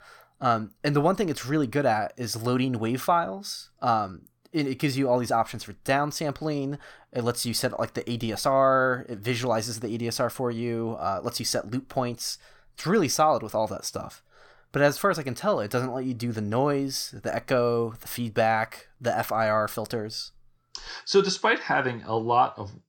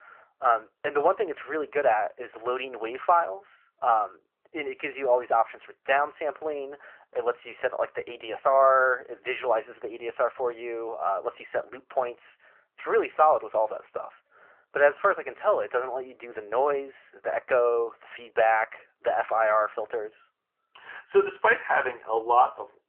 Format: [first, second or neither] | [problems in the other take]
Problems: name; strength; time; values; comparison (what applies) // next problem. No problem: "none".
first | phone-call audio